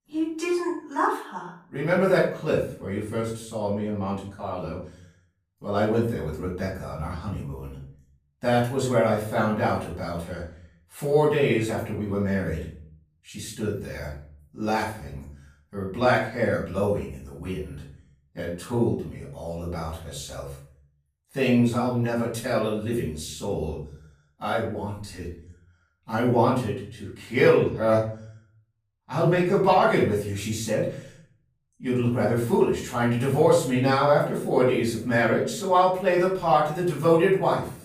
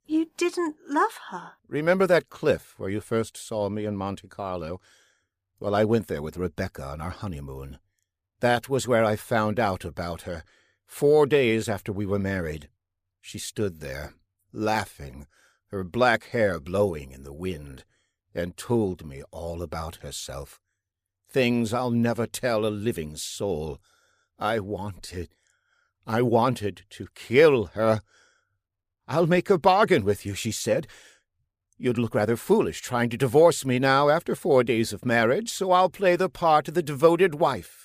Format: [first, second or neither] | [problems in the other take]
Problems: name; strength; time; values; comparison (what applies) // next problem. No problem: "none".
second | room echo; noticeable; dies away in 0.5 s // off-mic speech; far